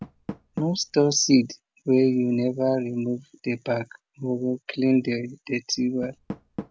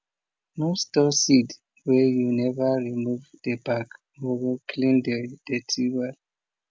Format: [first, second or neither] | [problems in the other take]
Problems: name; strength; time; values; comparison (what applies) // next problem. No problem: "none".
second | background sound (Door); 19 dB below the speech